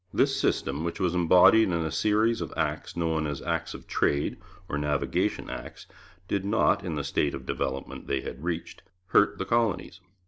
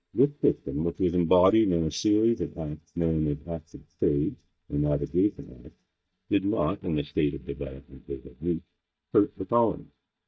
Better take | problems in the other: first | noise reduction (neural mask model DeepFilterNet 3)

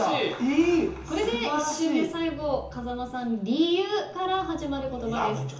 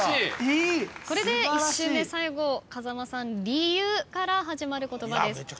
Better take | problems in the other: second | background sound (Growling); 18 dB below the speech // room echo; dies away in 0.7 s

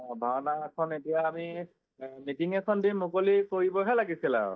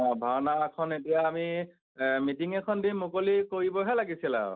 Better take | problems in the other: second | noise reduction (neural mask model DeepFilterNet 3)

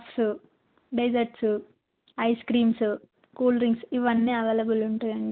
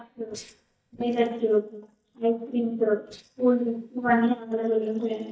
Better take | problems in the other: first | noise reduction (neural mask model DeepFilterNet 3)

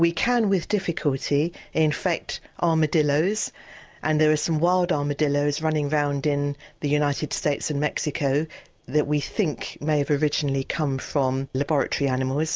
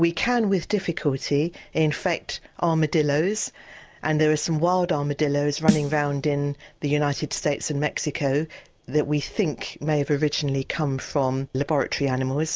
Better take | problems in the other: first | background sound (Snare drum); 5 dB below the speech

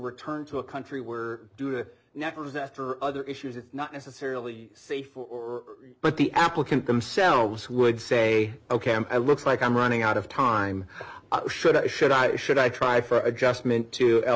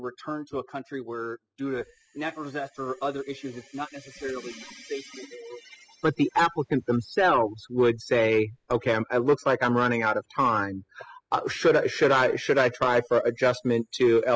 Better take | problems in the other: first | noise reduction (classical method spectral subtraction)

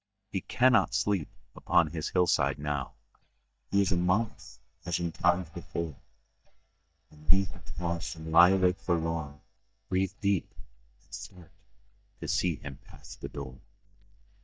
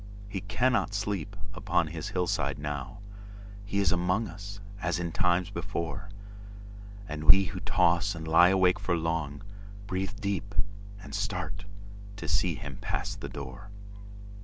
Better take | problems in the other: second | noise reduction (neural mask model DeepFilterNet 3)

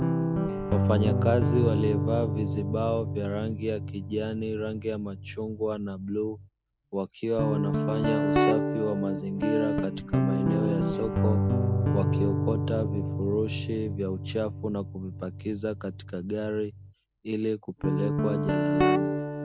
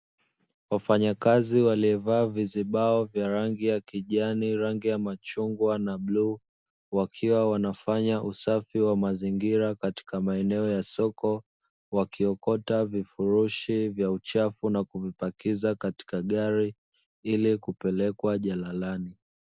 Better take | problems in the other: second | background sound (Guitar); 3 dB above the speech

